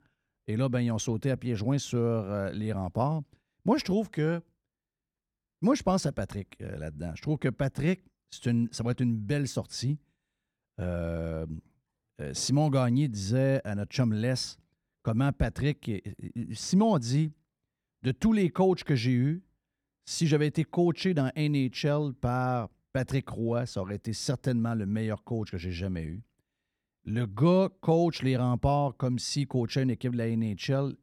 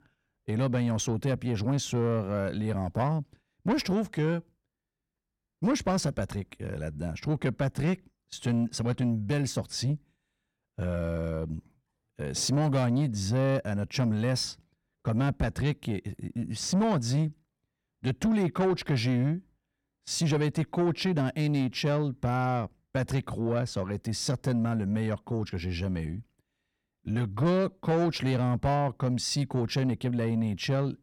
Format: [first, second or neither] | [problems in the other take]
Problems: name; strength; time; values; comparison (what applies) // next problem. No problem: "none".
first | distortion; slight; 10 dB below the speech